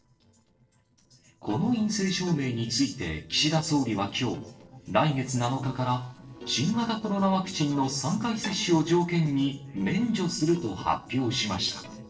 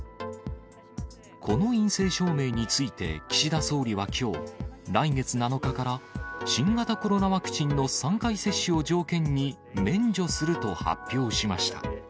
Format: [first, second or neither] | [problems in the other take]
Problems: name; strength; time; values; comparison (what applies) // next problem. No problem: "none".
second | noise reduction (neural separator model SepFormer DNS4)